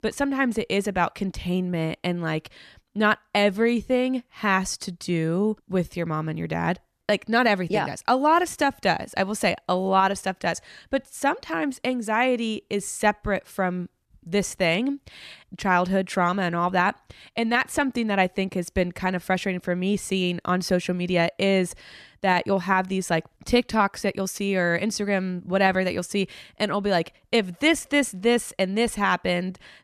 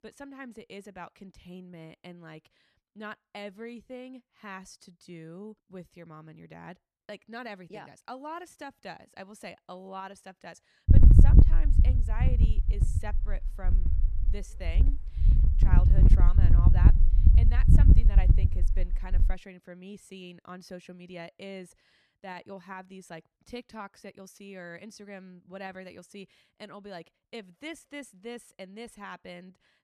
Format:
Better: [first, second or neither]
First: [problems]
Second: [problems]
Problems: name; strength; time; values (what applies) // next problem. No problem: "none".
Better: first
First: none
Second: wind noise on the microphone; heavy; from 11 to 19 s; 4 dB above the speech